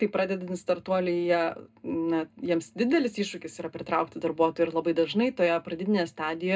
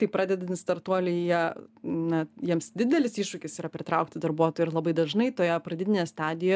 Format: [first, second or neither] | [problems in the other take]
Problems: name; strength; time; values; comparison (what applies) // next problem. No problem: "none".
second | room echo; dies away in 0.2 s